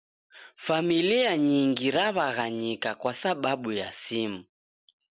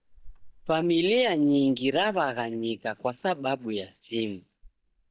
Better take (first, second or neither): first